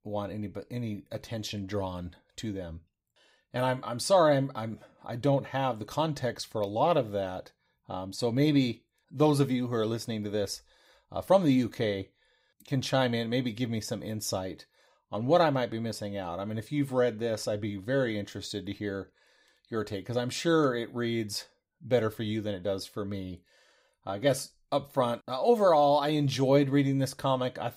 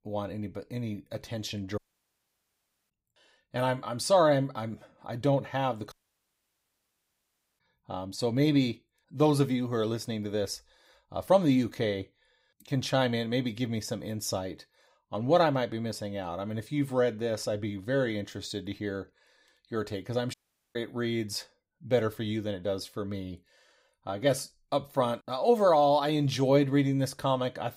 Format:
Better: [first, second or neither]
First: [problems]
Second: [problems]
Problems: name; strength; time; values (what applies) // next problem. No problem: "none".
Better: first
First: none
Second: audio cutting out; at 2 s for 1 s, at 6 s for 1.5 s and at 20 s